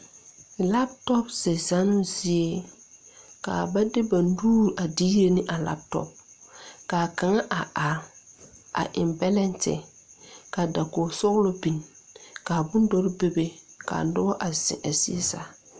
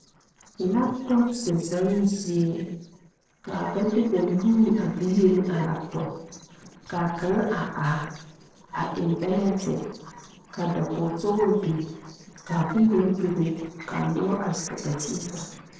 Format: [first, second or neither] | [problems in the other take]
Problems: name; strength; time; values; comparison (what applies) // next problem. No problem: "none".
first | noise reduction (neural separator model SepFormer DNS4)